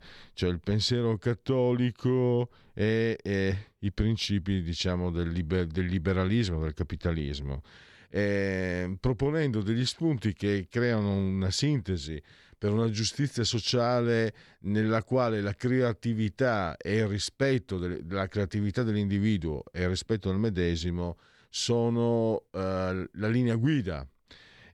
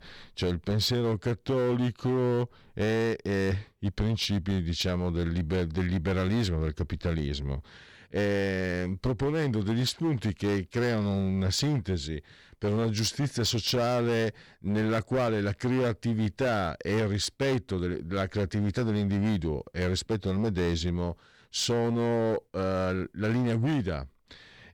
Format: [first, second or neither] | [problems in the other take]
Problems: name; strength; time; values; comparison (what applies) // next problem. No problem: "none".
first | distortion; slight; 14% of the sound clipped